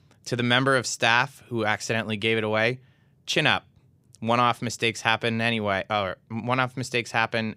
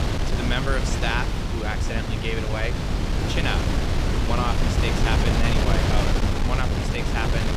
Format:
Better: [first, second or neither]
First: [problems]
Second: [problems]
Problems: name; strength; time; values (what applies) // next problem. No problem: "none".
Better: first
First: none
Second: wind noise on the microphone; heavy; as loud as the speech